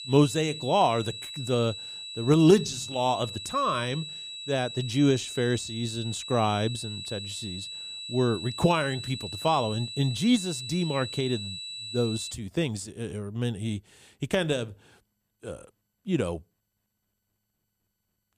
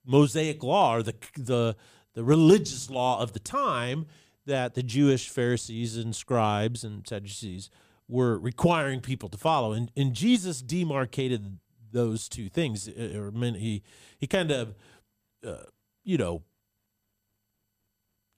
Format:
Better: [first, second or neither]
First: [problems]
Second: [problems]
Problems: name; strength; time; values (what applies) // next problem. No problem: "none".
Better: second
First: high-pitched whine; loud; until 12 s; 4 kHz, 9 dB below the speech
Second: none